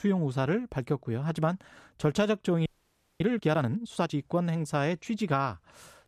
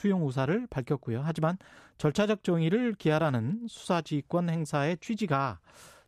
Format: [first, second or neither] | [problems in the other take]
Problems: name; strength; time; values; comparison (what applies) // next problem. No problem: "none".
second | audio freezing; at 2.5 s for 0.5 s